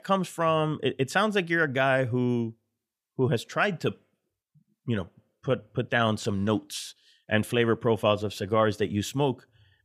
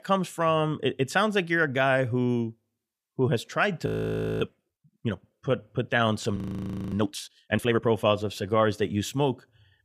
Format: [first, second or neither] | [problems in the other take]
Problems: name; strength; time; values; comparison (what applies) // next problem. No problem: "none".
first | audio freezing; at 4 s for 0.5 s and at 6.5 s for 0.5 s